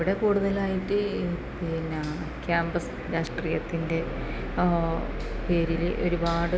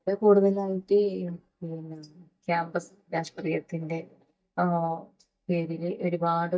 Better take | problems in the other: first | noise reduction (neural mask model DeepFilterNet 3)

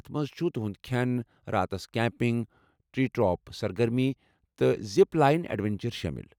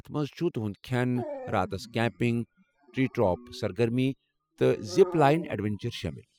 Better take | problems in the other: first | noise reduction (classical method spectral subtraction)

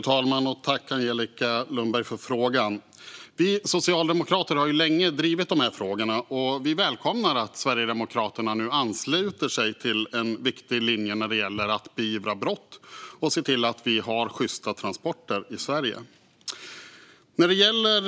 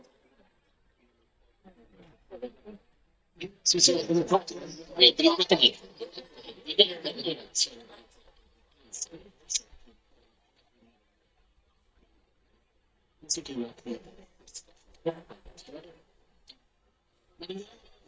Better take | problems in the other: first | noise reduction (neural mask model DeepFilterNet 3)

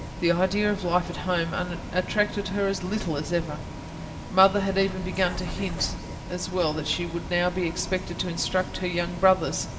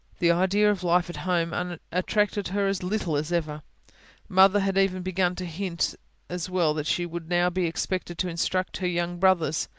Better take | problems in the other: second | background sound (Bus); 9 dB below the speech // room echo; dies away in 2.9 s

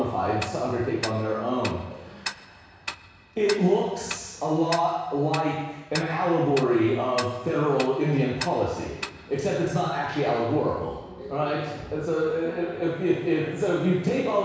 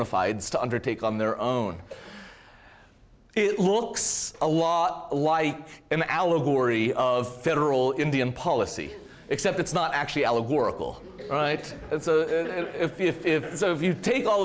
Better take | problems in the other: second | background sound (Tick-tock); 15 dB below the speech // room echo; dies away in 1.1 s

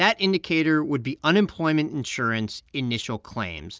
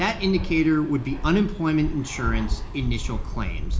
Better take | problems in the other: first | background sound (Fixed-wing aircraft, airplane); 4 dB below the speech // room echo; dies away in 0.4 s

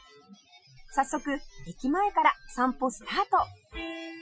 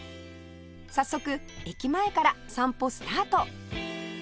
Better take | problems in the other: second | noise reduction (classical method Wiener filter)

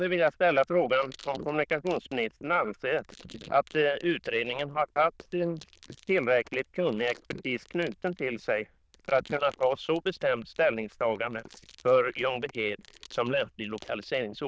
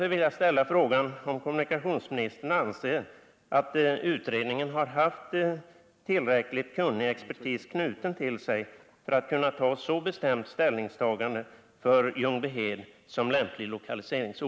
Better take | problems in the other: second | noise reduction (neural diffusion model UNIVERSE++)

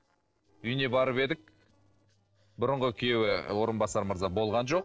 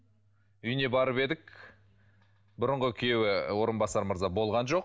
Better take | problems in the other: second | noise reduction (neural separator model SepFormer DNS4)

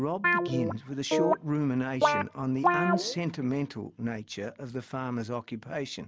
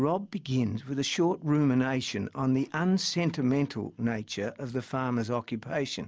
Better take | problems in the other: second | background sound (Guitar); 2 dB above the speech

